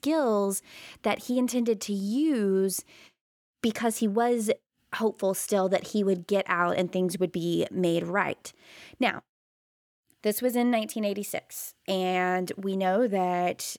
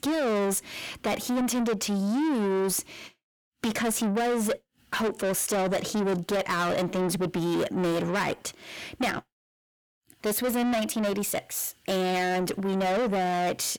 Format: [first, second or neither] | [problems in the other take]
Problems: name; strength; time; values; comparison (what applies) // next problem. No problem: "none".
first | distortion; heavy; 7 dB below the speech